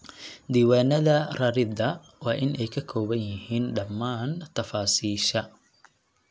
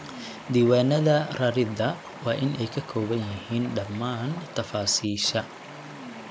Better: first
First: none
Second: background sound (Stream); 15 dB below the speech

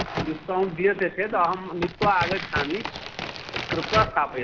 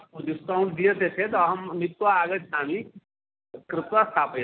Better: second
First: background sound (Crack); 6 dB below the speech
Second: none

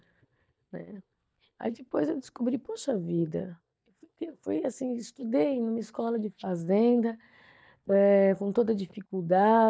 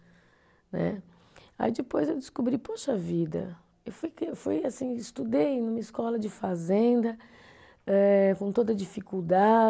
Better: second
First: noise reduction (neural mask model DeepFilterNet 3)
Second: none

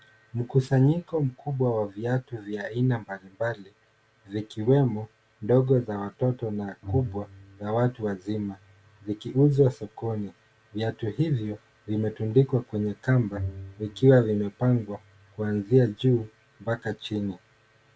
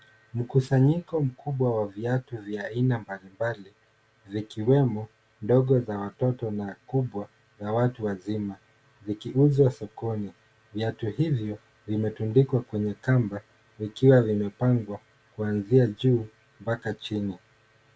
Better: second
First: background sound (Bowed string instrument); 14 dB below the speech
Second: none

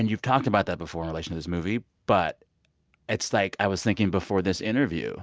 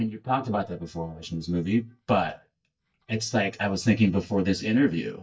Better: first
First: none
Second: noise reduction (neural mask model DeepFilterNet 3)

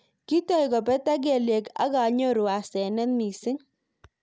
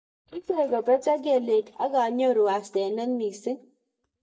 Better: first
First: none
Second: noise reduction (neural mask model DeepFilterNet 3)

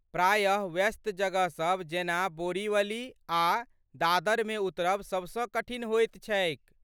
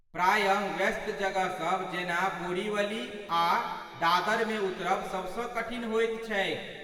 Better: first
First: none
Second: room echo; dies away in 2.3 s

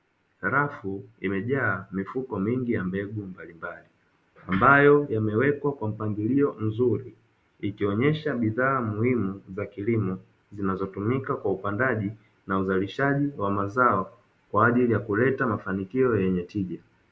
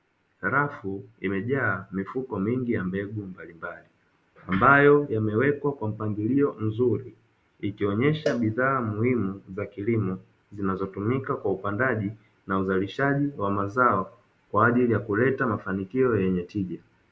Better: first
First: none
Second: background sound (Cowbell); 15 dB below the speech

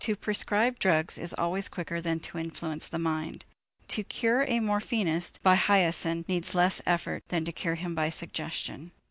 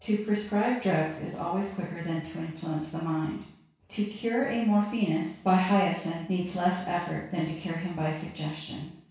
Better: first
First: none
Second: room echo; dies away in 0.6 s

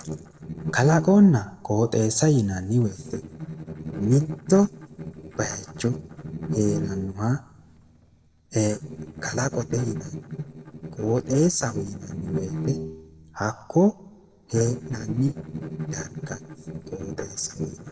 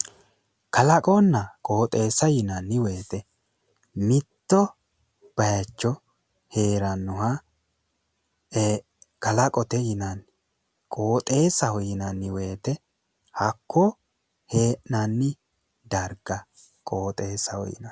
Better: second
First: noise reduction (neural separator model SepFormer DNS4)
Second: none

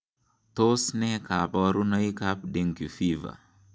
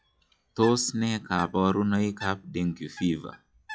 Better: first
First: none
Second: noise reduction (classical method log-MMSE)

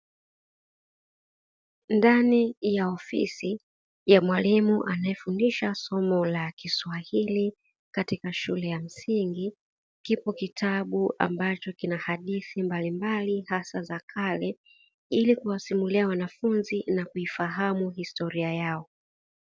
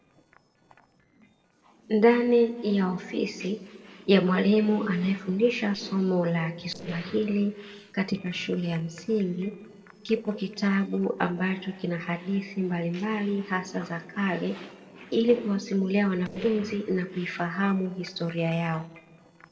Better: first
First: none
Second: noise reduction (neural separator model SepFormer DNS4)

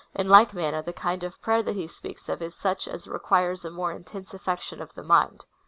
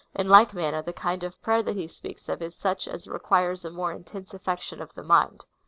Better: first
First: none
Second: noise reduction (neural separator model SepFormer DNS4)

